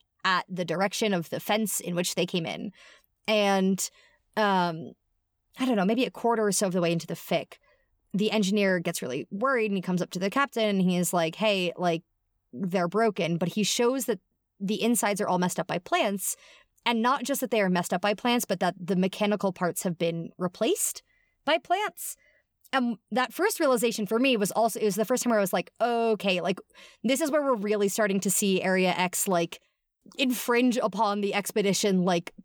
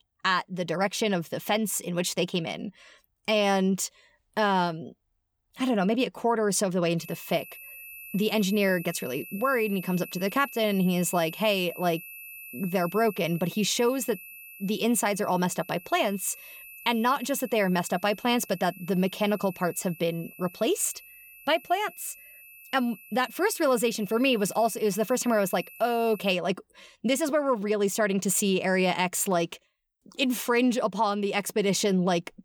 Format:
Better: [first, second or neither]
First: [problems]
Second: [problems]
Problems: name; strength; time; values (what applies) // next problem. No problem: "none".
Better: first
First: none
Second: high-pitched whine; noticeable; from 7 to 26 s; 2.5 kHz, 15 dB below the speech